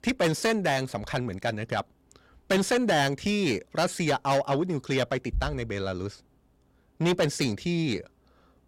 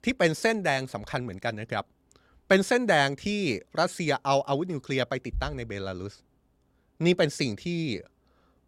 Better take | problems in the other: second | distortion; heavy; 8 dB below the speech

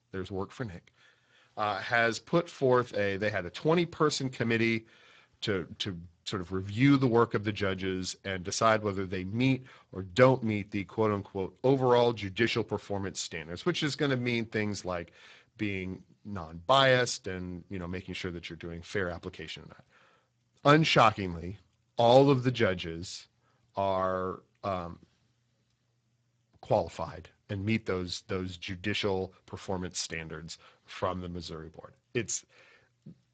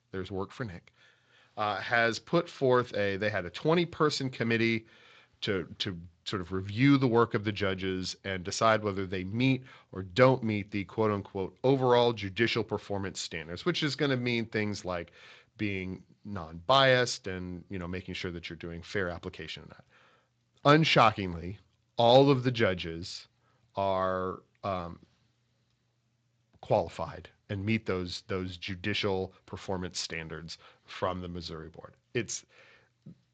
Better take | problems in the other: second | garbled, watery; badly; nothing above 7.5 kHz; slightly in the second

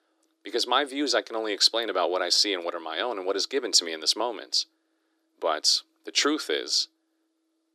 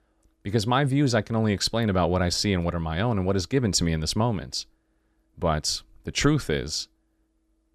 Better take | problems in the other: second | thin; somewhat; fading below 300 Hz

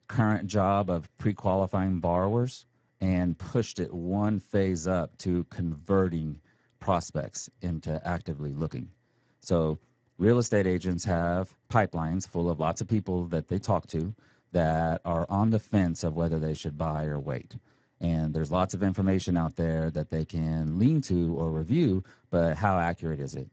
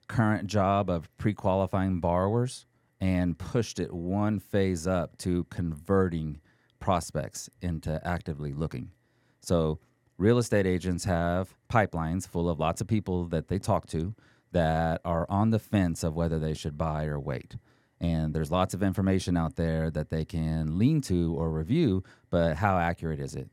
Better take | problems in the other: second | garbled, watery; badly; nothing above 7.5 kHz

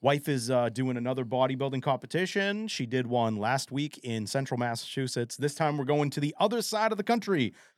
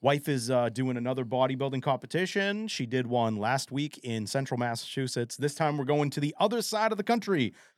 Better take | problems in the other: neither | none

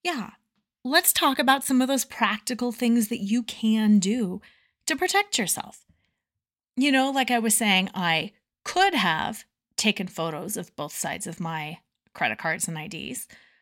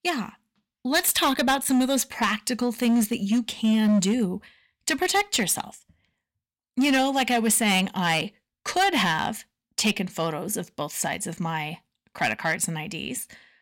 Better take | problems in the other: first | distortion; slight; 7% of the sound clipped

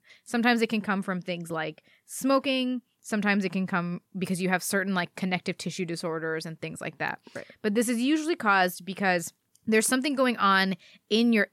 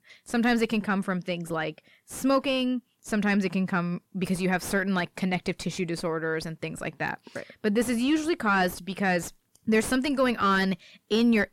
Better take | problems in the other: first | distortion; slight; 10 dB below the speech

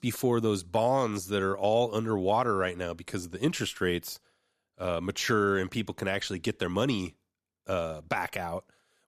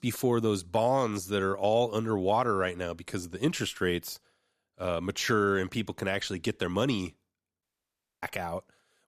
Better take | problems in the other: first | audio cutting out; at 7.5 s for 0.5 s

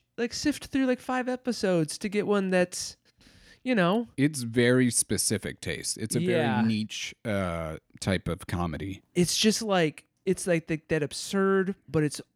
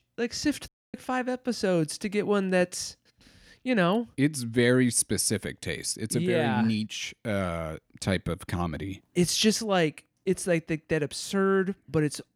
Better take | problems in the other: first | audio cutting out; at 0.5 s

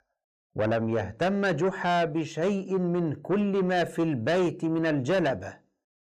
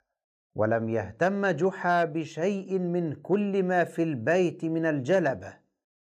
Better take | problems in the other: second | distortion; slight; 10 dB below the speech

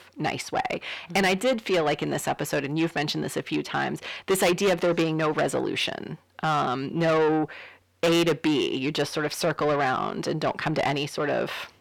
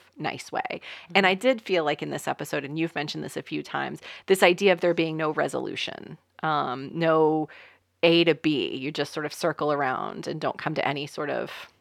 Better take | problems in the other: second | distortion; heavy; 7 dB below the speech

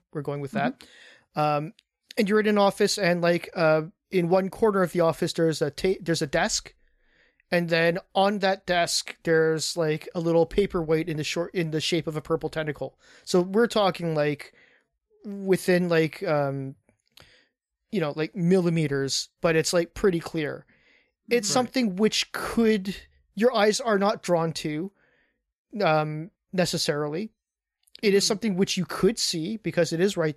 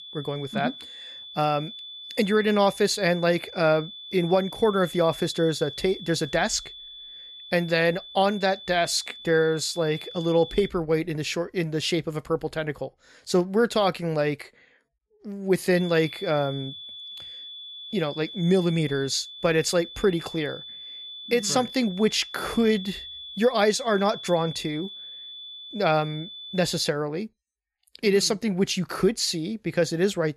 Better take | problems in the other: first | high-pitched whine; noticeable; until 11 s and from 16 to 27 s; 3.5 kHz, 15 dB below the speech

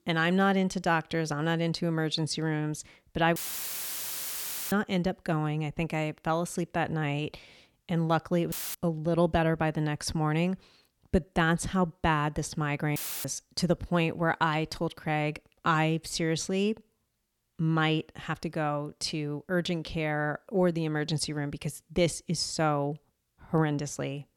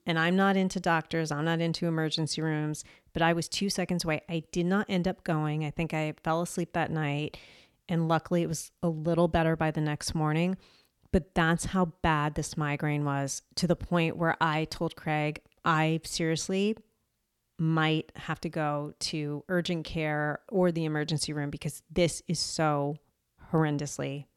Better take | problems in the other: second | audio cutting out; filled with static; at 3.5 s for 1.5 s, at 8.5 s and at 13 s

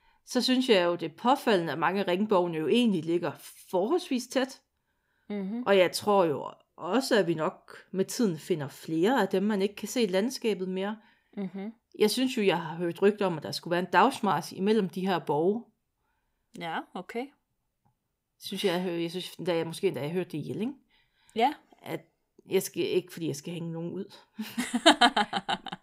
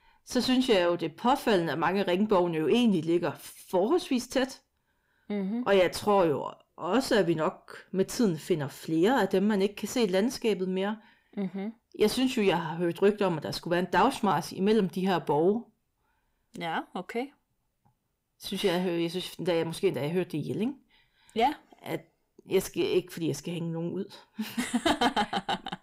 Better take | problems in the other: first | distortion; slight; 10 dB below the speech

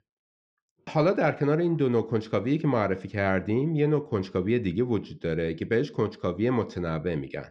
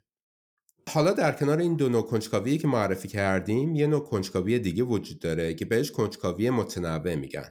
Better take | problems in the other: second | muffled; slightly; fading above 3.5 kHz

